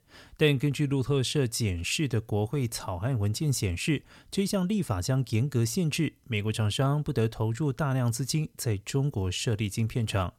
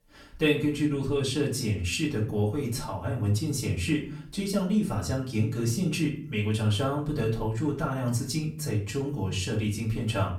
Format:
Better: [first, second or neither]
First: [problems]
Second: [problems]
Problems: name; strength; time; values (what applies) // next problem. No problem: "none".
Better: first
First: none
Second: off-mic speech; far // room echo; slight; dies away in 0.4 s